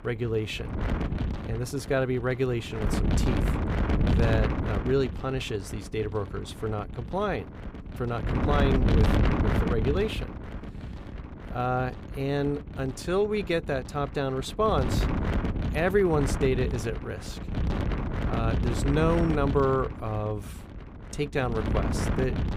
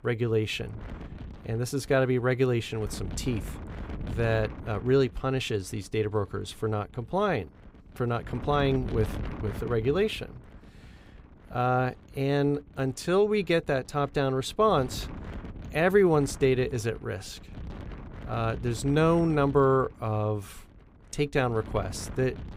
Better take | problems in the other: second | wind noise on the microphone; heavy; 5 dB below the speech; occasional gusts in the second

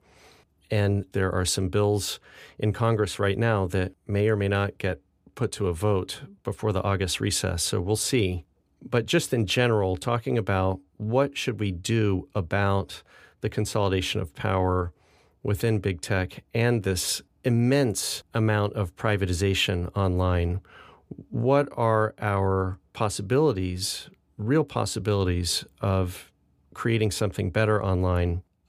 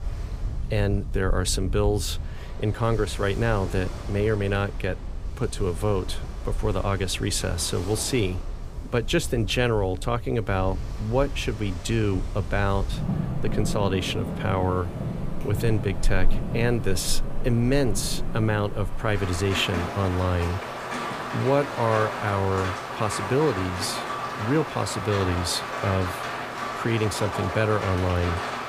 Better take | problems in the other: first | rain or running water; loud; throughout; 6 dB below the speech

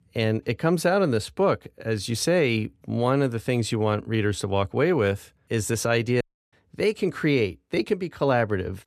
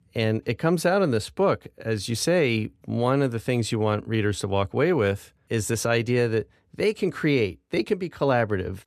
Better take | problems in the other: second | audio cutting out; at 6 s

